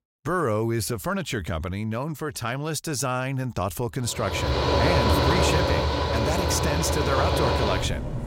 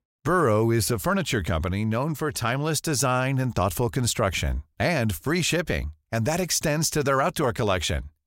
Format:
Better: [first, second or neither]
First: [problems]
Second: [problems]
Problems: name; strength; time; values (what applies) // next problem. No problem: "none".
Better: second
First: machinery noise; very loud; from 4.5 s on; 4 dB above the speech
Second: none